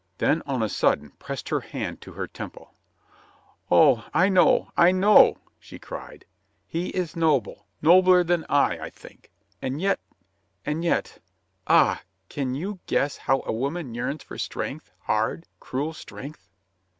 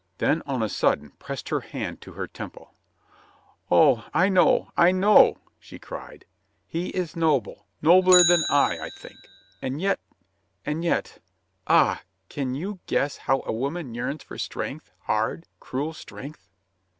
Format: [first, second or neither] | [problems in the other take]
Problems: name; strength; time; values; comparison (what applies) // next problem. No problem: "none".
first | background sound (Bicycle); 13 dB below the speech